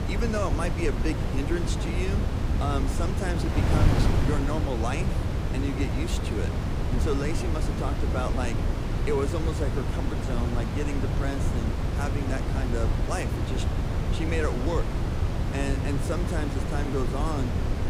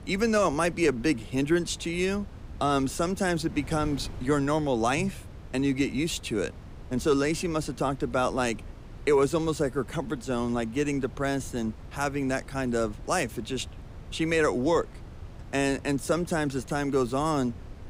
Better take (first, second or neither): second